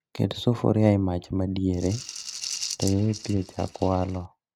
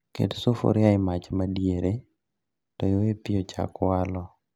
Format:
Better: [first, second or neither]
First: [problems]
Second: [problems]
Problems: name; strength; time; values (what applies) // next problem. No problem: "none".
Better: second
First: noise reduction (neural mask model RNNoise)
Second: none